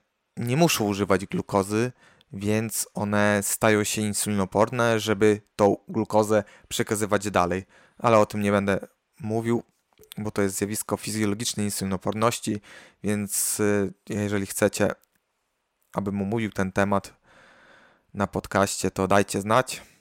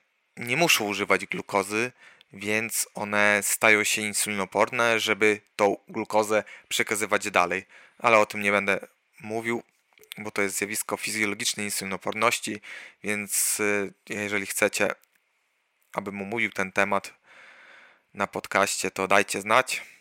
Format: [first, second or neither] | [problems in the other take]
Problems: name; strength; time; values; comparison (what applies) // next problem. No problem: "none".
first | thin; somewhat; fading below 1 kHz